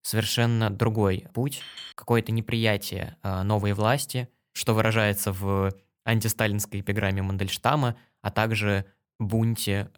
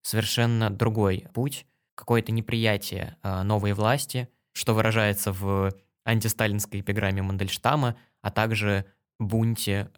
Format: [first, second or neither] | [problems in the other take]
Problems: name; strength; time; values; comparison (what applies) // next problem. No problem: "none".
second | clattering dishes; faint; at 1.5 s; peak 15 dB below the speech